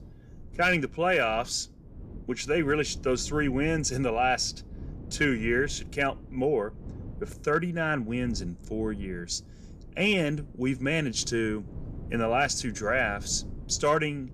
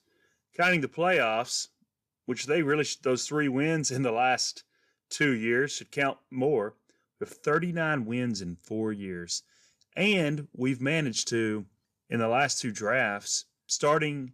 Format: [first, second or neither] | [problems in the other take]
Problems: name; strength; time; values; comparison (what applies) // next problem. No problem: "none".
second | wind noise on the microphone; occasional gusts; 25 dB below the speech